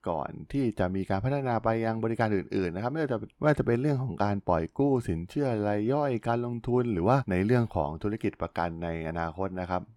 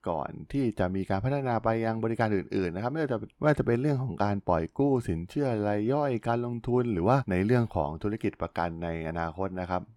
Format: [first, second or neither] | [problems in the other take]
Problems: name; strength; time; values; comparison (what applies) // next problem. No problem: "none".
neither | none